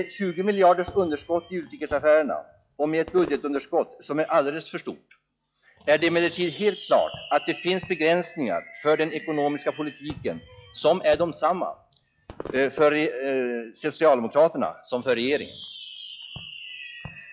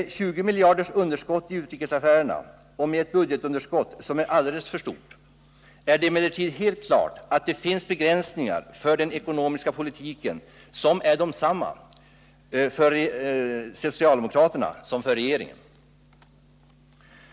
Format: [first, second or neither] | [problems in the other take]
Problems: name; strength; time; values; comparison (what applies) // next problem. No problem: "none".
second | noise reduction (classical method log-MMSE)